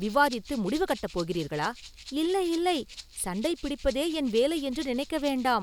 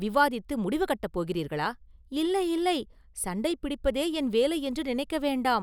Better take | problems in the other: second | background sound (Rattle (instrument)); 19 dB below the speech

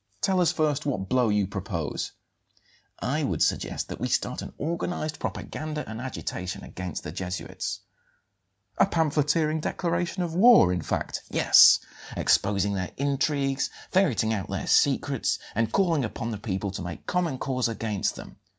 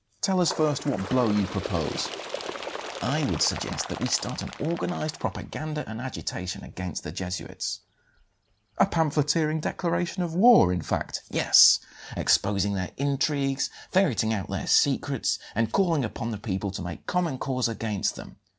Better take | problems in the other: first | background sound (Bird); 15 dB below the speech

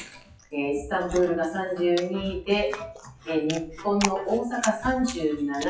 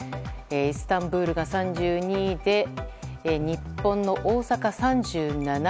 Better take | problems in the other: second | noise reduction (classical method WPE with log-MMSE)

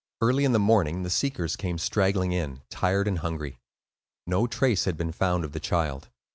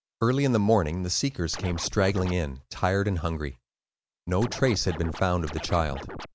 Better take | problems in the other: first | background sound (Scratching (performance technique)); 11 dB below the speech

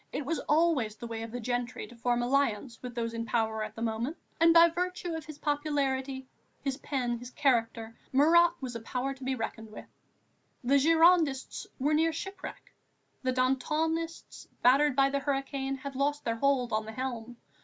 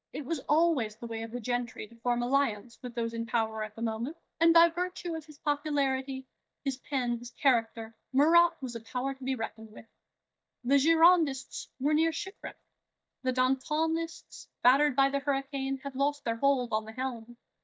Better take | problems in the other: first | noise reduction (neural mask model DeepFilterNet 3)

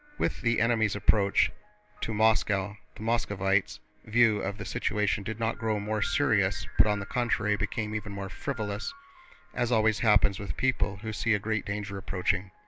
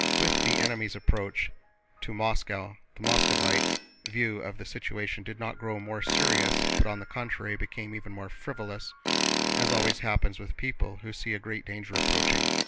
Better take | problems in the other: first | background sound (Tools); as loud as the speech

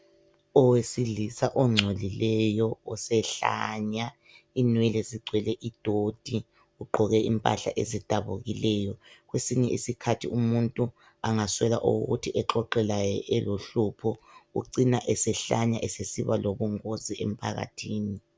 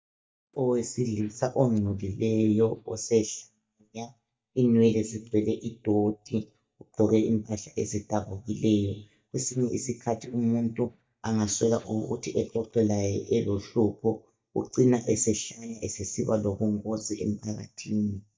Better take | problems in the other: first | noise reduction (neural mask model DeepFilterNet 3)

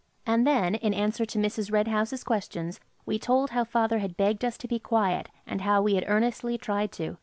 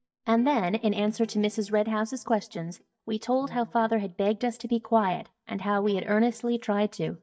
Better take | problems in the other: first | noise reduction (neural mask model DeepFilterNet 3)

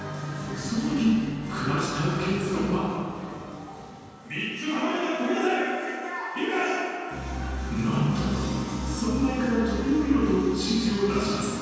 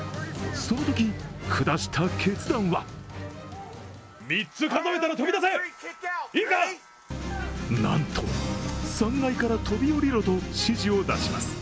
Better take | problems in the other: second | room echo; dies away in 2.1 s

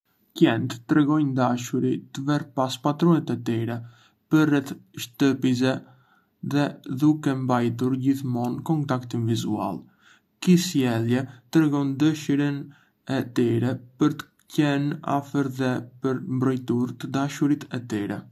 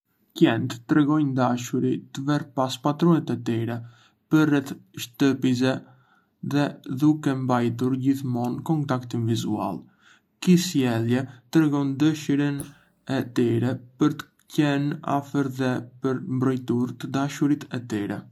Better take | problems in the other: first | noise reduction (neural mask model Resemble Enhance denoiser)

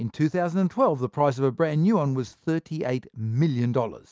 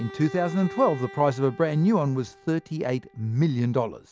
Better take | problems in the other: first | background sound (Bowed string instrument); 19 dB below the speech

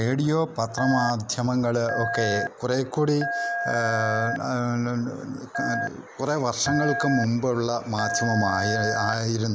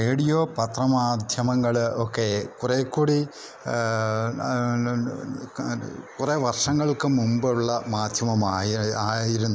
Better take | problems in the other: second | background sound (Telephone); 4 dB below the speech

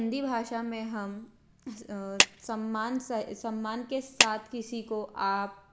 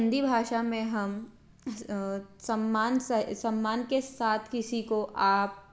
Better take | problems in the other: second | background sound (Clapping); 3 dB above the speech

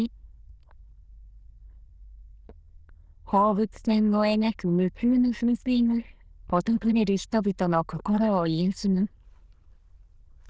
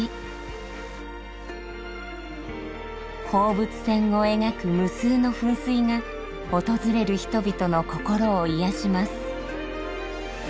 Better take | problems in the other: second | noise reduction (neural diffusion model UNIVERSE++)

